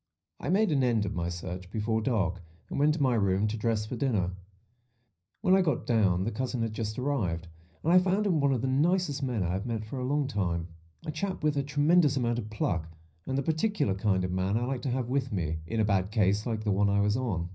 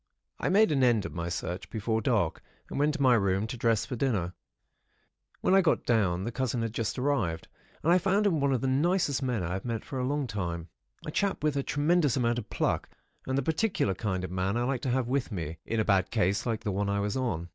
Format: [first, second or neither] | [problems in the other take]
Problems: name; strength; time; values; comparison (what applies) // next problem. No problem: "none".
second | room echo; dies away in 0.4 s